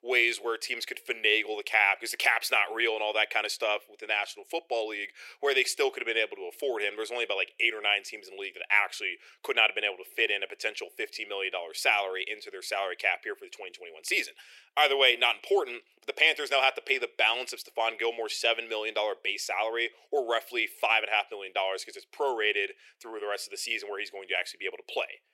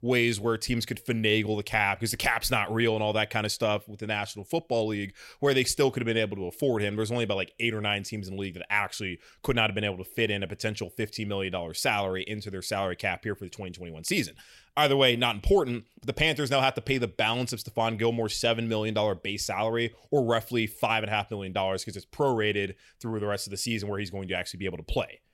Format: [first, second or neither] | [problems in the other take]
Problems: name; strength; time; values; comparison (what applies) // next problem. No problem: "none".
second | thin; very; fading below 400 Hz